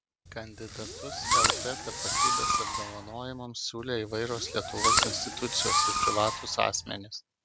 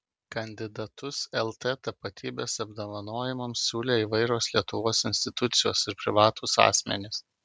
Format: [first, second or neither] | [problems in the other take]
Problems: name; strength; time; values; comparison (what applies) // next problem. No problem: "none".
second | background sound (Fireworks); 5 dB above the speech